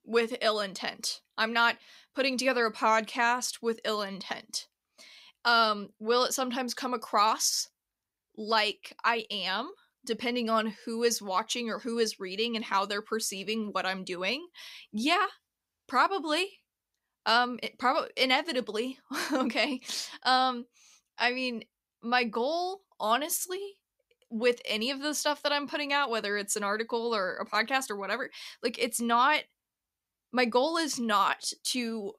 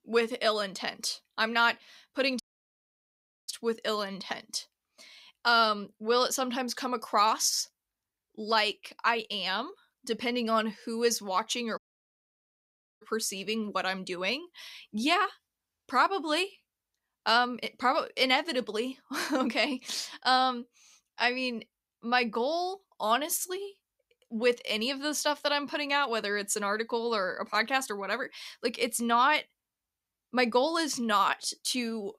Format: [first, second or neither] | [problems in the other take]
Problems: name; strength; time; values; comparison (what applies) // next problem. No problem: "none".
first | audio cutting out; at 2.5 s for 1 s and at 12 s for 1 s